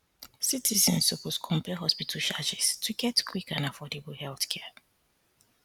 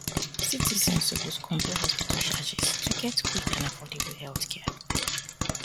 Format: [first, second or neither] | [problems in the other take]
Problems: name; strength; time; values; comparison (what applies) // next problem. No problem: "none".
first | background sound (Frying (food)); 1 dB above the speech